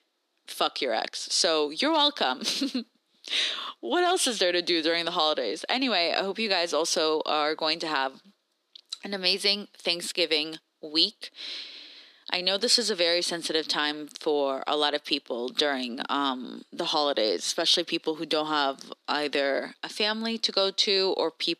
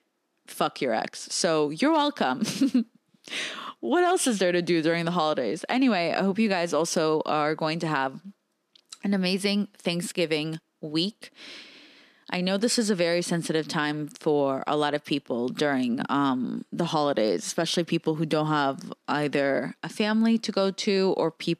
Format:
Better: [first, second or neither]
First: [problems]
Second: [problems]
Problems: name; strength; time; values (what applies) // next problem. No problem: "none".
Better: second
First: thin; somewhat; fading below 300 Hz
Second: none